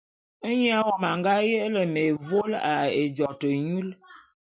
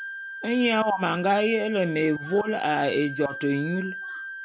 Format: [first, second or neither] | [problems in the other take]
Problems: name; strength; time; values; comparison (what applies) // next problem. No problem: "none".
first | background sound (Wind instrument, woodwind instrument); 11 dB below the speech